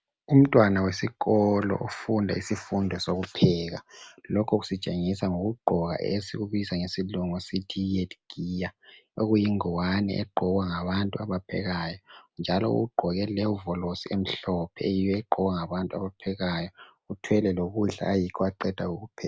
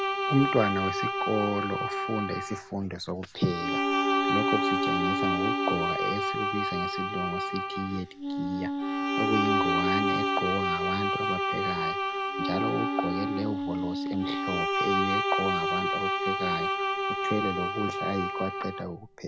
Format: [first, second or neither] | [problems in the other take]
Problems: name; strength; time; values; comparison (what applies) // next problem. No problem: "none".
first | background sound (Bowed string instrument + Wind instrument, woodwind instrument); 4 dB above the speech